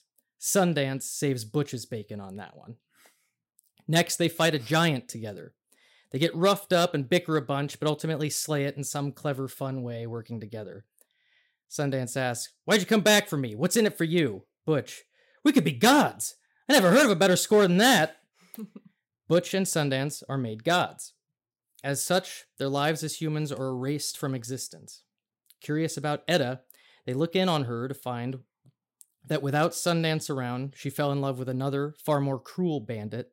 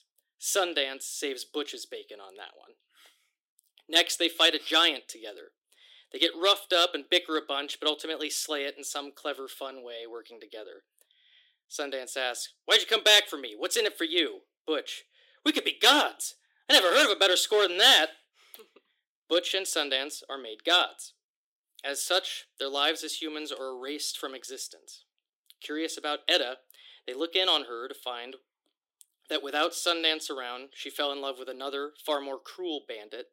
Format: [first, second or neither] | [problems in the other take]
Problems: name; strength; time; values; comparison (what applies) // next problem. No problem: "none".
first | thin; somewhat; fading below 300 Hz